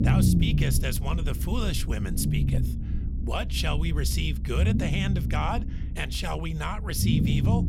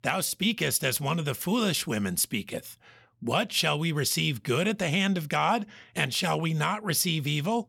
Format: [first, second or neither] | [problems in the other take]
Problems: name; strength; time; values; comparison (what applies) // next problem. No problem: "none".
second | low rumble; loud; throughout; 6 dB below the speech